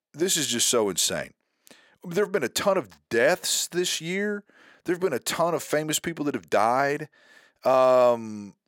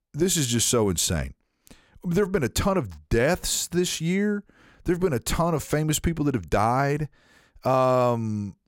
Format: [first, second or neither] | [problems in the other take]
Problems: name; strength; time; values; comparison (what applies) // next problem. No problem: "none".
second | thin; somewhat; fading below 300 Hz